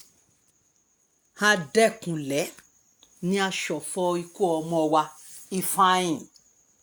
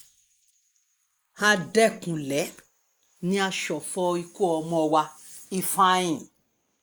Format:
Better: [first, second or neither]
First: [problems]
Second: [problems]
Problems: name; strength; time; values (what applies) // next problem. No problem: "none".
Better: first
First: none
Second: noise reduction (neural mask model Resemble Enhance denoiser)